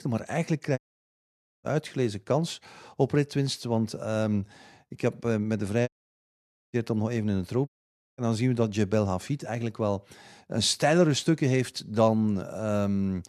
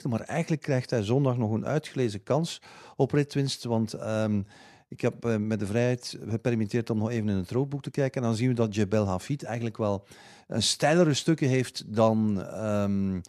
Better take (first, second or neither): second